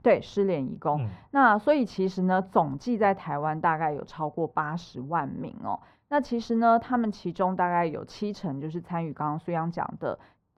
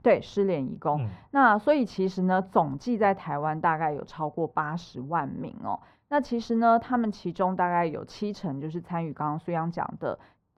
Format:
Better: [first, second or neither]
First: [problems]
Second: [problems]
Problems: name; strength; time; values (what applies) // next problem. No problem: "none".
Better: neither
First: muffled; very; fading above 3.5 kHz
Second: muffled; very; fading above 3.5 kHz